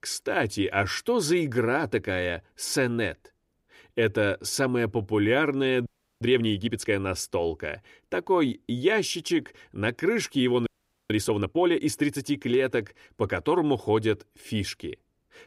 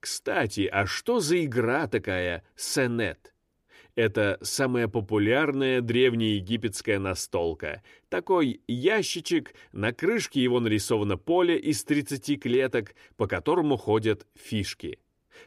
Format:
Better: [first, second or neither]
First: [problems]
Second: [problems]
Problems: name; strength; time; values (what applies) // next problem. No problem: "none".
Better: second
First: audio freezing; at 6 s and at 11 s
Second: none